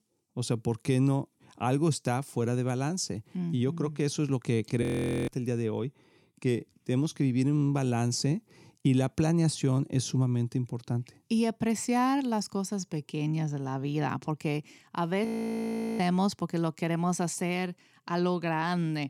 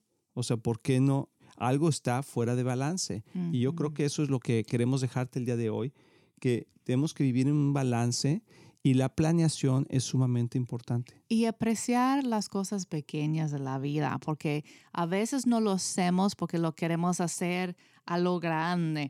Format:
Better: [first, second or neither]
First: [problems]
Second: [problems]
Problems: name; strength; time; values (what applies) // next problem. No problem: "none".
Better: second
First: audio freezing; at 5 s and at 15 s for 0.5 s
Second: none